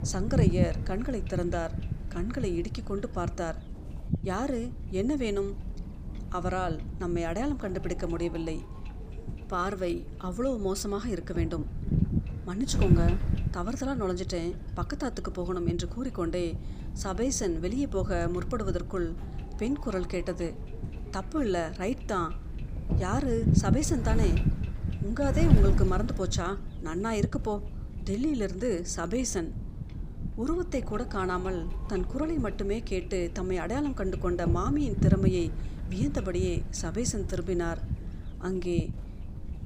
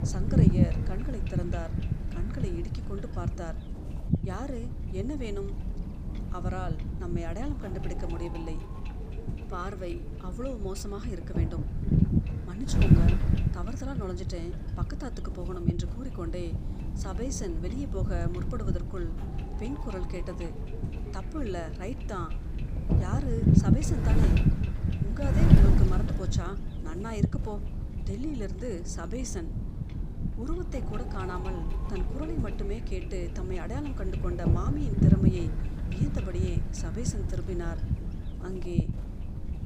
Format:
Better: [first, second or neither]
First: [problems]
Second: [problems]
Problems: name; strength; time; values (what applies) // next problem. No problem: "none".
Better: first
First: wind noise on the microphone; occasional gusts; 10 dB below the speech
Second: wind noise on the microphone; heavy; as loud as the speech